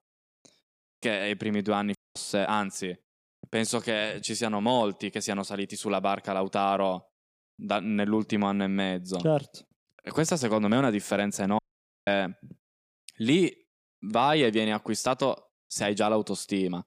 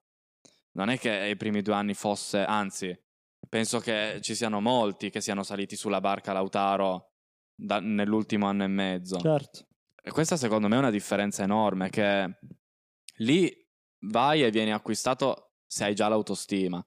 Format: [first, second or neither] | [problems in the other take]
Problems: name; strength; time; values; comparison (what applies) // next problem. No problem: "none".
second | audio cutting out; at 0.5 s, at 2 s and at 12 s